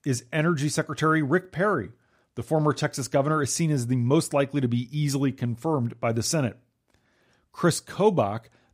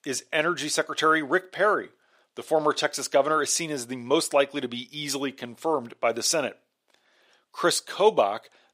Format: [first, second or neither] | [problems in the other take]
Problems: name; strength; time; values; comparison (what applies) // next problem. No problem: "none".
first | thin; somewhat; fading below 500 Hz